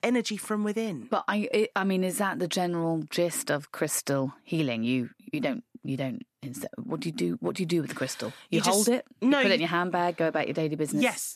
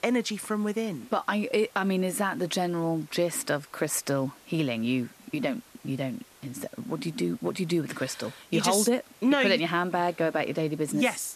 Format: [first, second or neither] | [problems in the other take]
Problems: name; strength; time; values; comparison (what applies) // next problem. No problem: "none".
first | hiss; faint; throughout; 25 dB below the speech